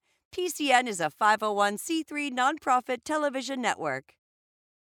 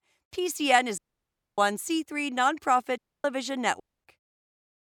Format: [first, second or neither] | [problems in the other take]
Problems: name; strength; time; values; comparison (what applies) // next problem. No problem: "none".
first | audio cutting out; at 1 s for 0.5 s, at 3 s and at 4 s